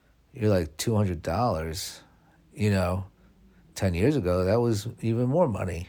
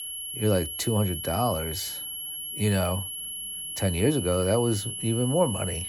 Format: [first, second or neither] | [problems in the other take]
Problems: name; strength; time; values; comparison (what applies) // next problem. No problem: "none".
first | high-pitched whine; loud; throughout; 11.5 kHz, 5 dB below the speech